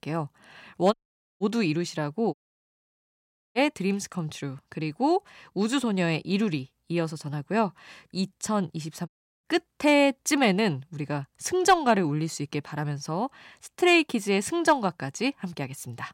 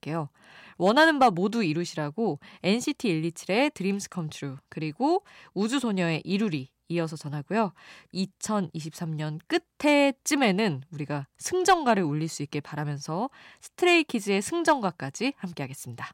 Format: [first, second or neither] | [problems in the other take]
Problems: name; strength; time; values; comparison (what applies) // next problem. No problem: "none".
second | audio cutting out; at 1 s, at 2.5 s for 1 s and at 9 s